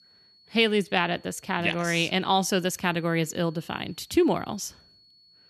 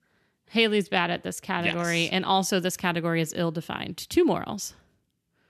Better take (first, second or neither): second